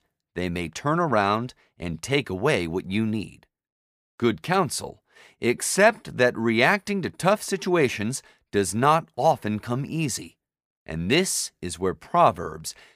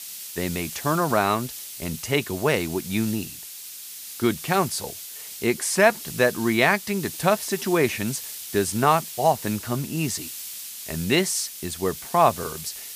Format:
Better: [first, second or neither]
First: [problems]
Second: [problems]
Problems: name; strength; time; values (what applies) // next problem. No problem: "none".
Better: first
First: none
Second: hiss; noticeable; throughout; 10 dB below the speech